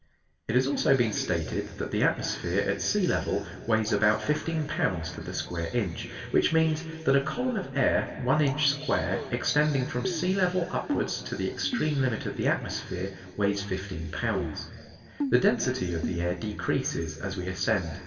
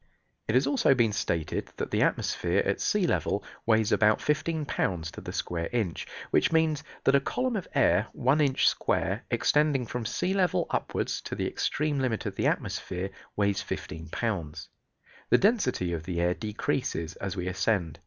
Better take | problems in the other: second | background sound (Keyboard (musical)); 9 dB below the speech // room echo; dies away in 2.2 s

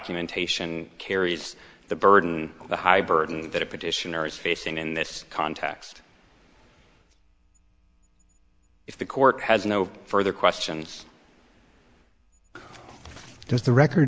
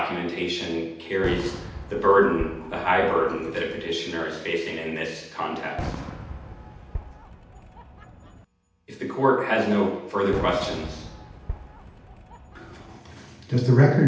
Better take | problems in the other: first | background sound (Fireworks); 13 dB below the speech // room echo; dies away in 0.8 s

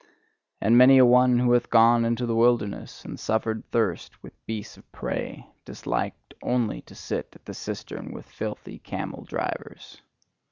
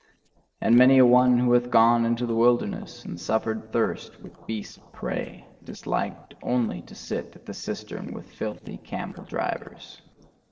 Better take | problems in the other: first | noise reduction (neural separator model SepFormer DNS4)

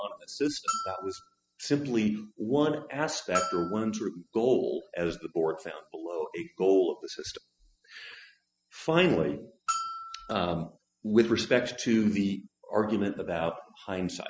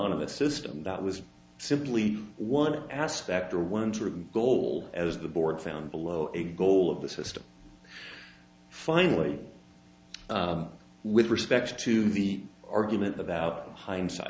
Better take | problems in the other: second | noise reduction (classical method spectral subtraction)

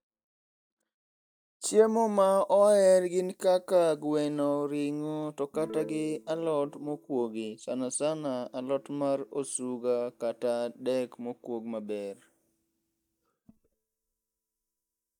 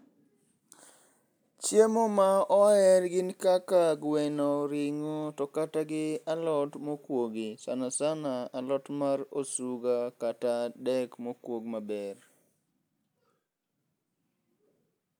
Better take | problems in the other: second | noise reduction (neural mask model DeepFilterNet 3)

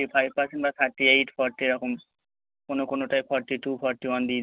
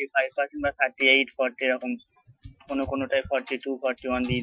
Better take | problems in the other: first | noise reduction (classical method Wiener filter)

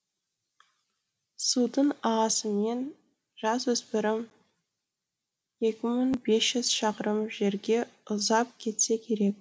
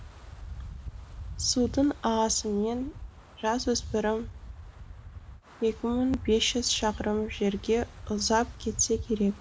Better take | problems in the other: first | background sound (Wind); 12 dB below the speech

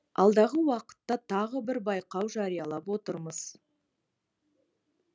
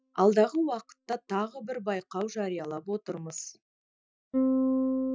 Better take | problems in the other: first | noise reduction (classical method Wiener filter)

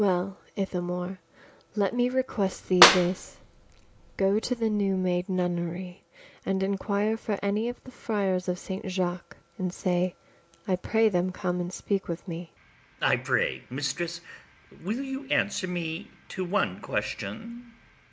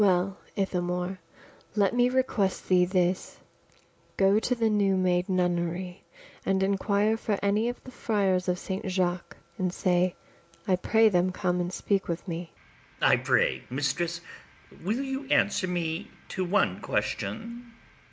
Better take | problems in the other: second | background sound (Clapping); 1 dB above the speech

